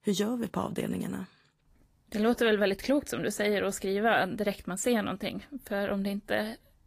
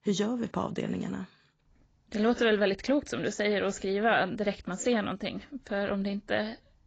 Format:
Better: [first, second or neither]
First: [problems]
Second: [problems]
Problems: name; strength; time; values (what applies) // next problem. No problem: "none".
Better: first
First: garbled, watery; slightly; nothing above 15.5 kHz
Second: garbled, watery; badly; nothing above 7.5 kHz